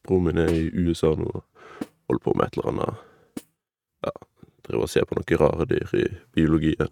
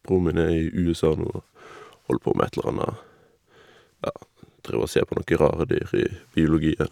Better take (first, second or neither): second